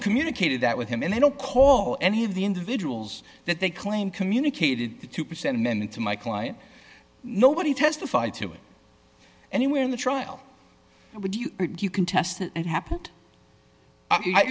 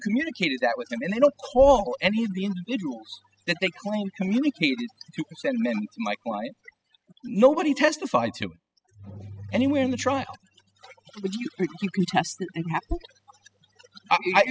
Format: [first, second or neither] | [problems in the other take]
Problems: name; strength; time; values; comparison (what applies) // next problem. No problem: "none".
first | noise reduction (classical method spectral subtraction)